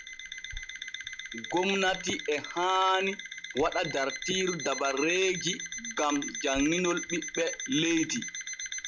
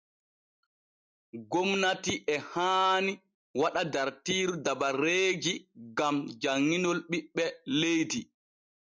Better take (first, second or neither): second